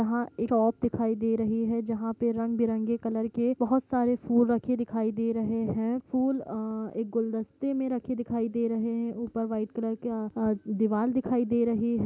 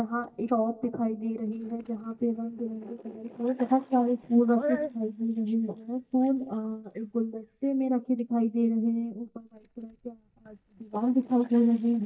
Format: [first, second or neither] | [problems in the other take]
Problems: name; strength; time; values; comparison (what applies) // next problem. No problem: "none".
first | noise reduction (neural mask model DeepFilterNet 3)